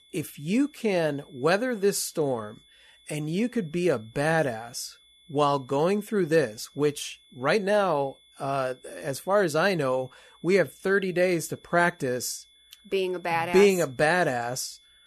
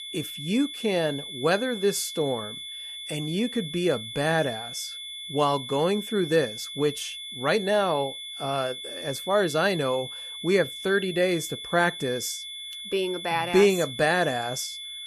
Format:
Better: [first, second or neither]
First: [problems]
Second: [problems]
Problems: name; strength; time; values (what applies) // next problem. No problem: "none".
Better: first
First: high-pitched whine; faint; throughout; 3.5 kHz, 30 dB below the speech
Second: high-pitched whine; loud; throughout; 3.5 kHz, 9 dB below the speech